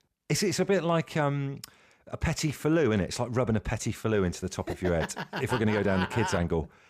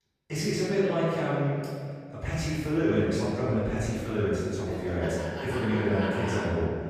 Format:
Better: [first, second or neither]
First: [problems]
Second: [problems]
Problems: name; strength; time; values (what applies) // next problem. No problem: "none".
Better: first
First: none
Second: room echo; strong; dies away in 1.9 s // off-mic speech; far